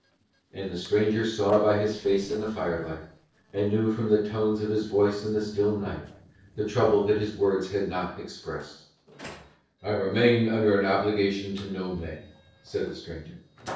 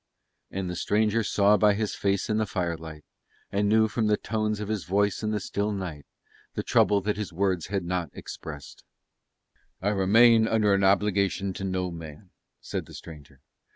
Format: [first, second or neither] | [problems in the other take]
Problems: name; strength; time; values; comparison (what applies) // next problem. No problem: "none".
second | noise reduction (neural separator model SepFormer DNS4)